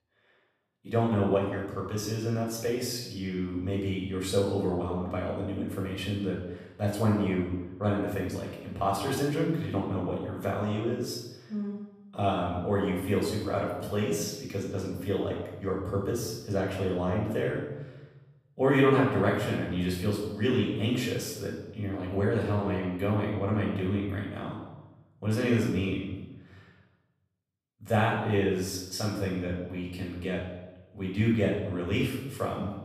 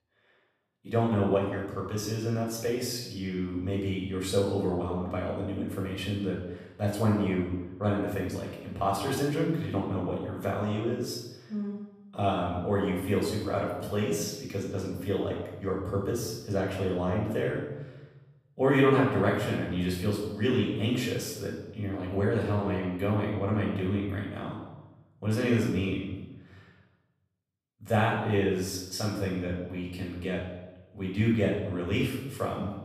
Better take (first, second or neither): neither